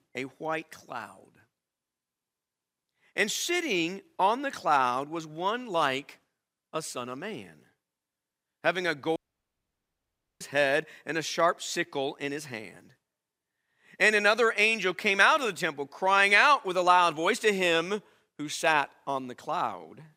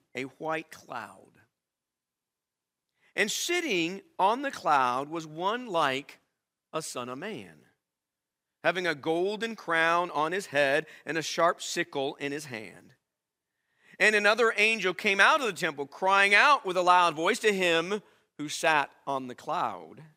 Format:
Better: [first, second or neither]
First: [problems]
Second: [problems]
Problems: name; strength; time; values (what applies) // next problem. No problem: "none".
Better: second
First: audio cutting out; at 9 s for 1 s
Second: none